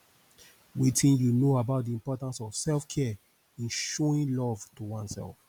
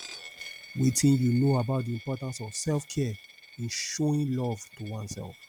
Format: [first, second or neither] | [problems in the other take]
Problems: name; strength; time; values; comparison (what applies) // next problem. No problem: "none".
first | background sound (Coin (dropping)); 19 dB below the speech